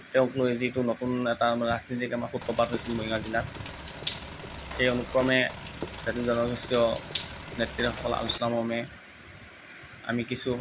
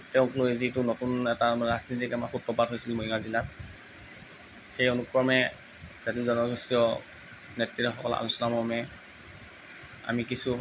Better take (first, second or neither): second